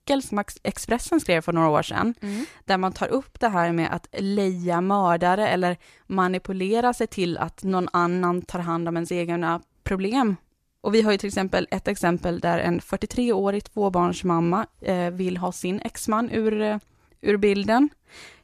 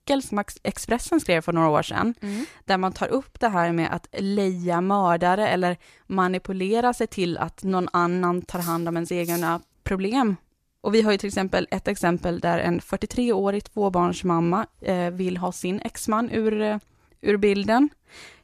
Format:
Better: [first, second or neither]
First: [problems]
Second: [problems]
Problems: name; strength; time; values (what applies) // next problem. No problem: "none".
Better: first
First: none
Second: clattering dishes; noticeable; at 8.5 s; peak 10 dB below the speech